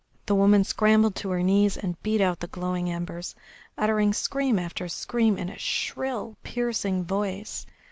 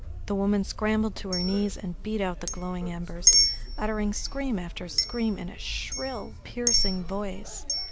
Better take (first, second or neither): first